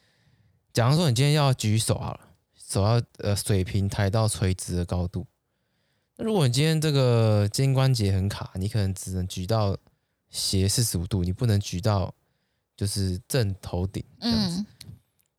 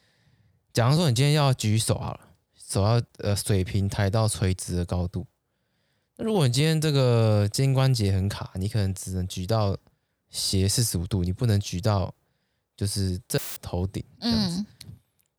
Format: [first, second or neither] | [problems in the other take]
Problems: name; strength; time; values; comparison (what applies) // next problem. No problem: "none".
first | audio cutting out; filled with static; at 13 s